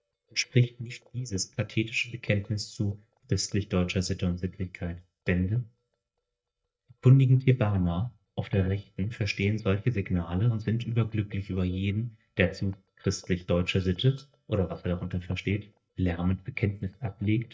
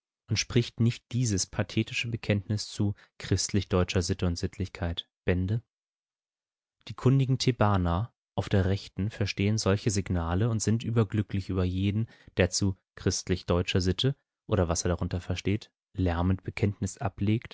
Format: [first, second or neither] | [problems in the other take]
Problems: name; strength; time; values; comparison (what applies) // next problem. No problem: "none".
second | noise reduction (neural mask model DeepFilterNet 3)